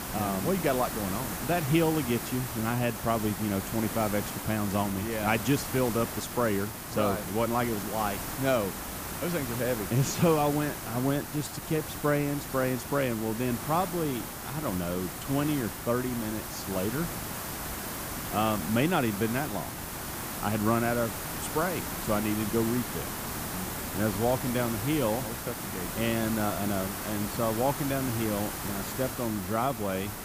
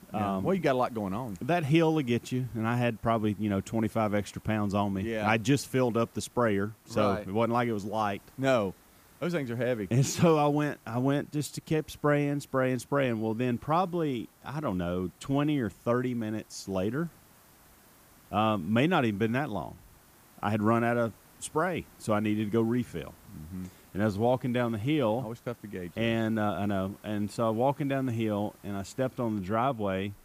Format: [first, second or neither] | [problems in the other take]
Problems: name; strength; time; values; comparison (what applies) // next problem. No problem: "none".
second | hiss; loud; throughout; 5 dB below the speech; faint in the second